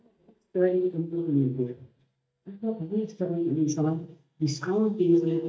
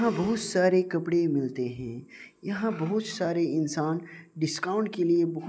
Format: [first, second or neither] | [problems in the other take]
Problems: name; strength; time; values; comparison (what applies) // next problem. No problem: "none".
second | noise reduction (neural mask model DeepFilterNet 3)